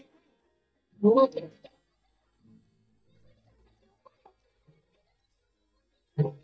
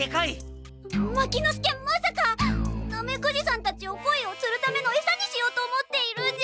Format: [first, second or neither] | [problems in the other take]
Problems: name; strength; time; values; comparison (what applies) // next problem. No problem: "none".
second | noise reduction (neural mask model DeepFilterNet 3)